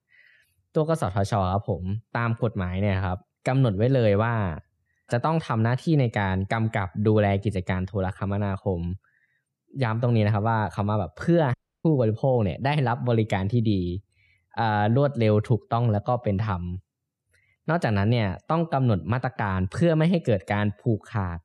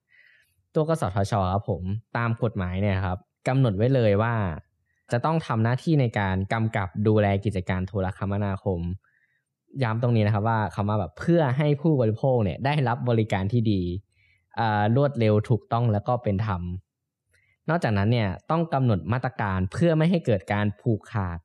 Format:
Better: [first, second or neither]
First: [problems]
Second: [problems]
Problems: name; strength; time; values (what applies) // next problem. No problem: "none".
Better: second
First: audio cutting out; at 12 s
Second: none